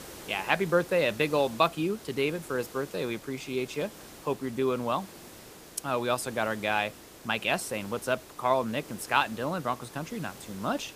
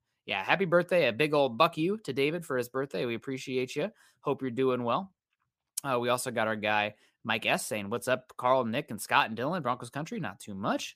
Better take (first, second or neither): second